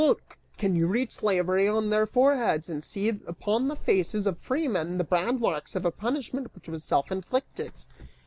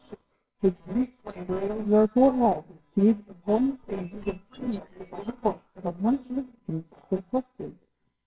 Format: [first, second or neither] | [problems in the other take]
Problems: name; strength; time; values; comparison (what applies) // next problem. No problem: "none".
first | noise reduction (neural separator model SepFormer WHAMR!)